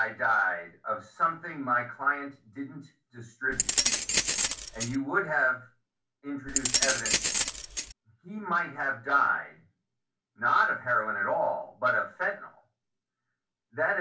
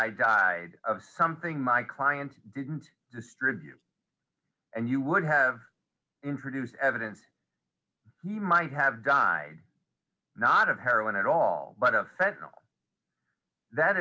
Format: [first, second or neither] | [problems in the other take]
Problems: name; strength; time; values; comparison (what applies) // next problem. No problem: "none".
second | background sound (Keys jangling); 3 dB above the speech // room echo; dies away in 0.3 s